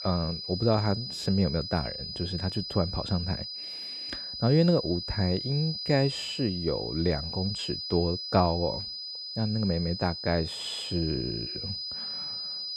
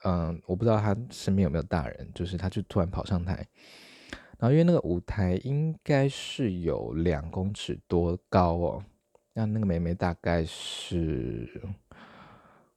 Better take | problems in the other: second | high-pitched whine; loud; throughout; 5 kHz, 5 dB below the speech

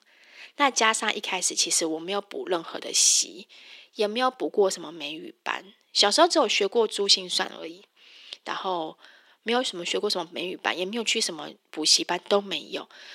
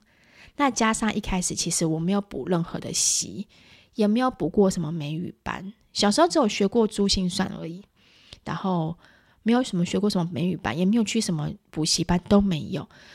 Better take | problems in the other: second | thin; very; fading below 350 Hz

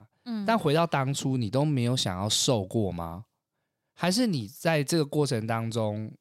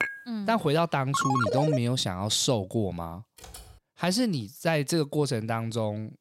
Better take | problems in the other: first | clattering dishes; noticeable; at the start; peak 4 dB below the speech // phone ringing; loud; at 1 s; peak 1 dB above the speech // keyboard typing; faint; at 3.5 s; peak 20 dB below the speech

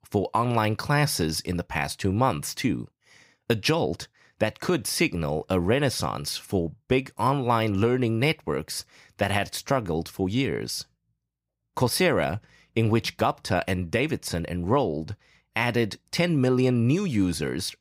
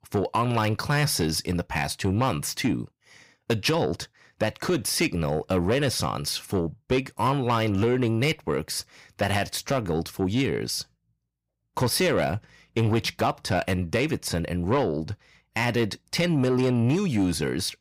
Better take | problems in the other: first | distortion; slight; 10 dB below the speech

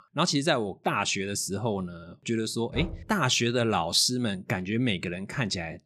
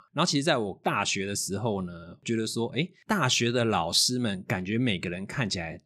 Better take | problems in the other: second | door banging; faint; at 2.5 s; peak 10 dB below the speech

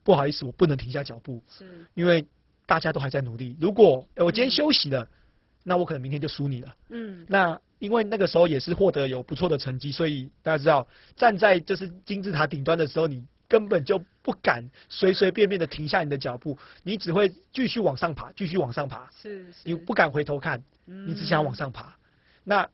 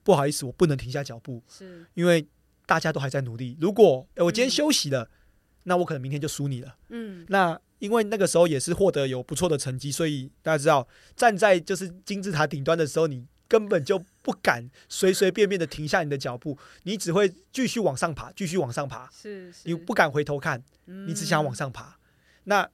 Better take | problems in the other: second | garbled, watery; badly; nothing above 5.5 kHz

